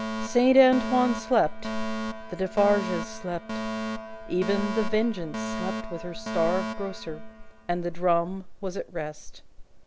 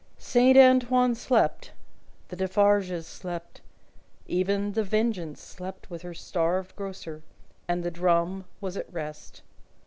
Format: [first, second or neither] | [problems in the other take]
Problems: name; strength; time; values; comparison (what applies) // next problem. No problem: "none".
second | background sound (Alarm); 8 dB below the speech